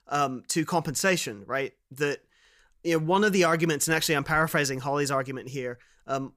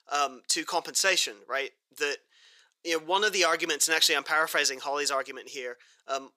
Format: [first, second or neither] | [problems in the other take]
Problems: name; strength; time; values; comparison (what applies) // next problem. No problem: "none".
first | thin; very; fading below 400 Hz